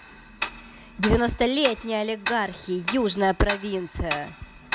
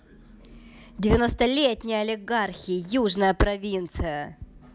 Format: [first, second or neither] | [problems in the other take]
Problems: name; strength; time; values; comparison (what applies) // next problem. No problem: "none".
second | background sound (Tick-tock); 9 dB below the speech